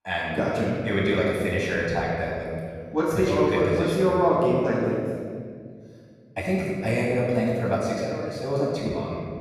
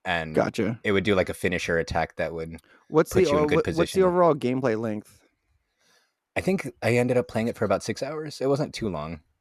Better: second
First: off-mic speech; far // room echo; strong; dies away in 2 s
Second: none

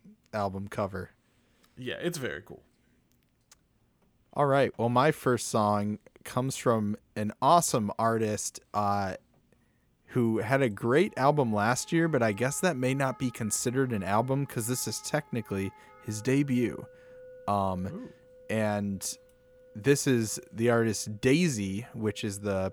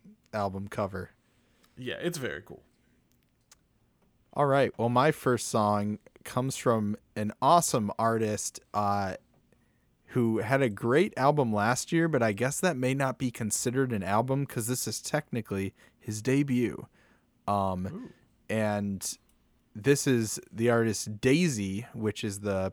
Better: second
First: background music; faint; from 11 s on; 25 dB below the speech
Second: none

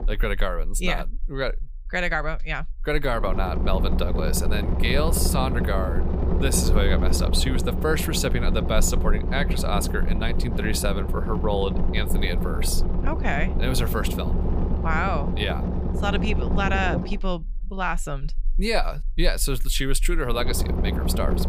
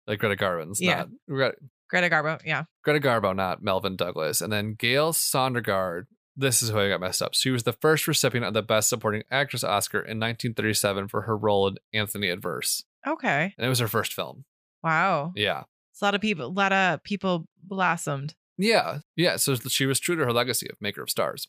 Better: second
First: low rumble; loud; throughout; 7 dB below the speech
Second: none

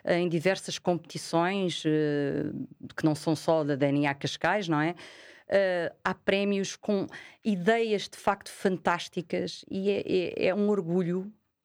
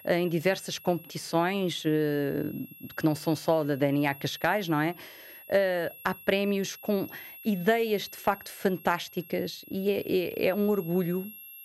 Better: first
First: none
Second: high-pitched whine; noticeable; throughout; 11.5 kHz, 15 dB below the speech

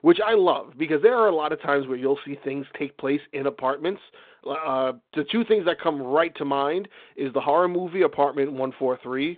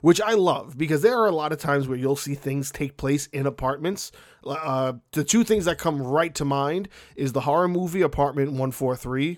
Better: second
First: phone-call audio; nothing above 3.5 kHz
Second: none

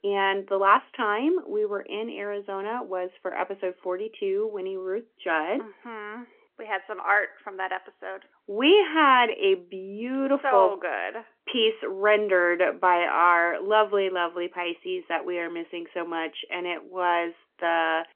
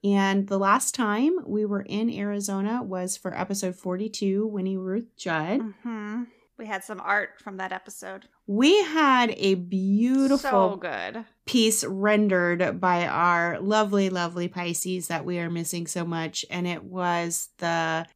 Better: second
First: phone-call audio; nothing above 3.5 kHz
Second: none

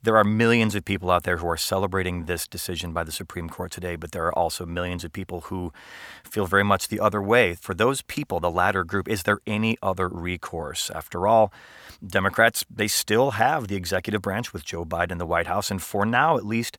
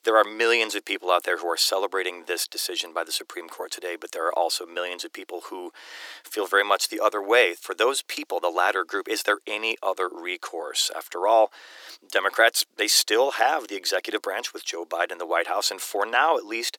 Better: first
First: none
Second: thin; very; fading below 300 Hz

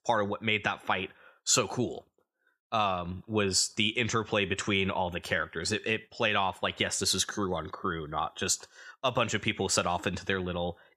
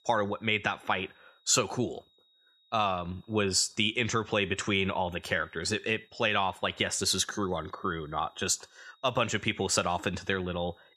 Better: first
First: none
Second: high-pitched whine; faint; throughout; 4 kHz, 35 dB below the speech

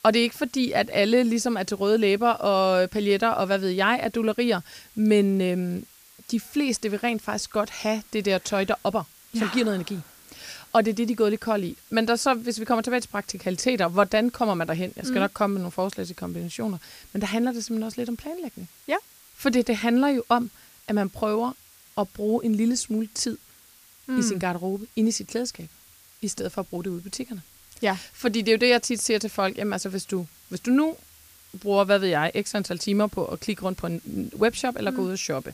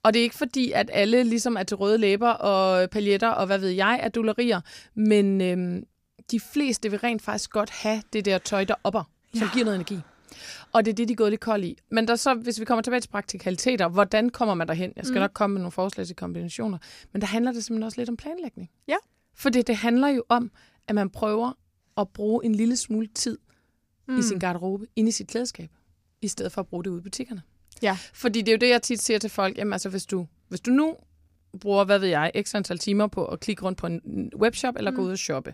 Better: second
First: hiss; faint; throughout; 25 dB below the speech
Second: none

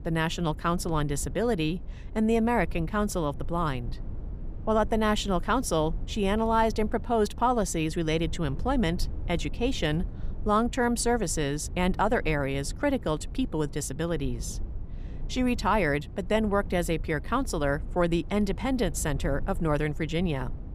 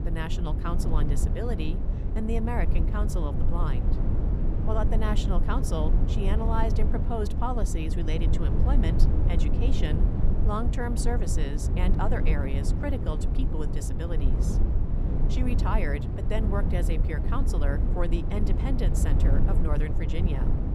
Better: first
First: low rumble; faint; throughout; 25 dB below the speech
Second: low rumble; loud; throughout; 4 dB below the speech

